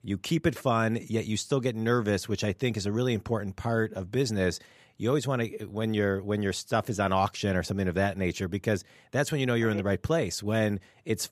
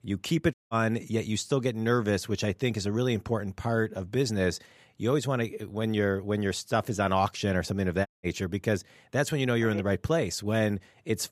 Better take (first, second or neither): first